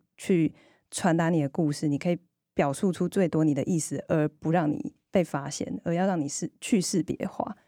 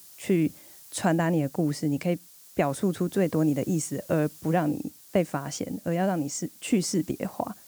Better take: first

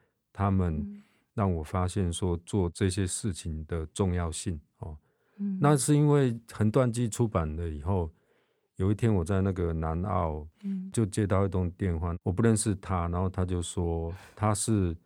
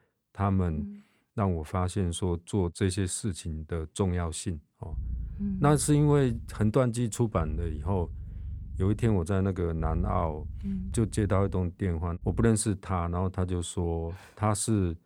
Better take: first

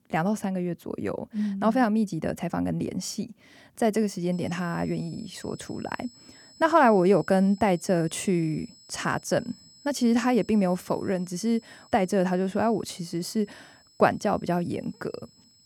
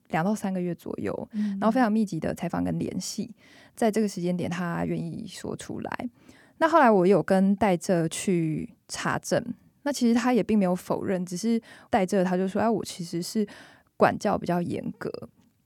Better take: second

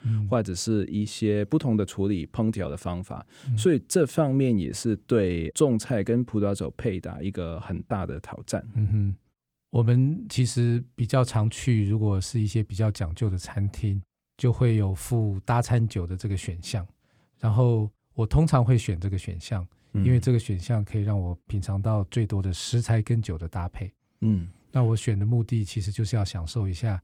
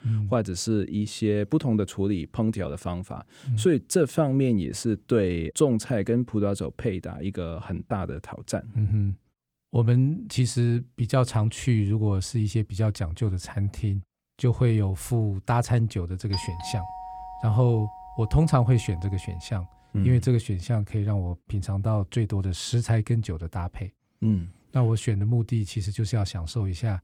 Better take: first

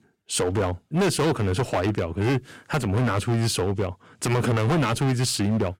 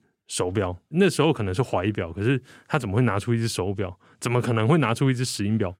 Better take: second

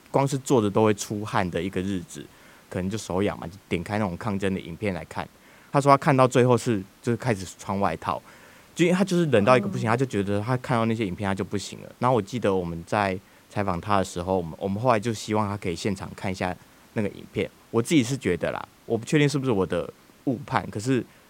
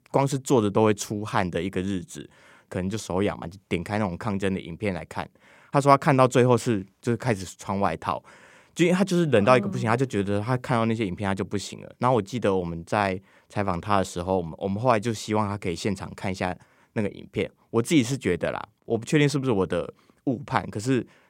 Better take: second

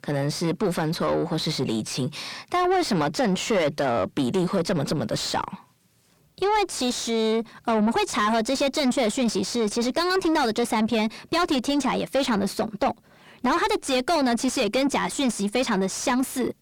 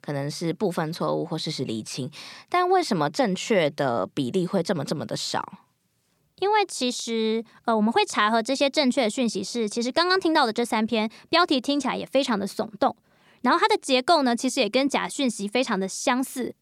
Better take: second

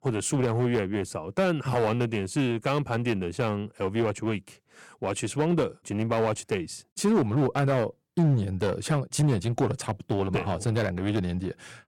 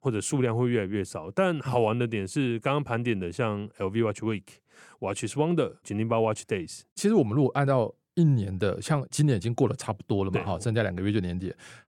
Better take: second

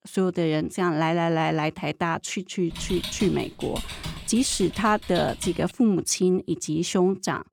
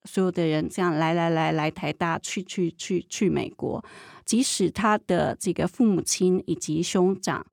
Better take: second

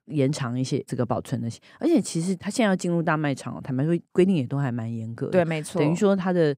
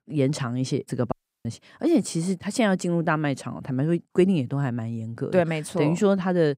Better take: first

